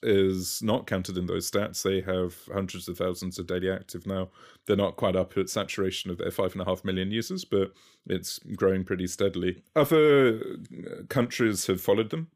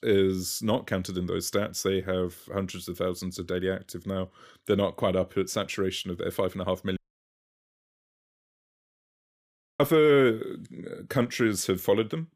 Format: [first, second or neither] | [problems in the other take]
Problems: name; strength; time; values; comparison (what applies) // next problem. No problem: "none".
first | audio cutting out; at 7 s for 3 s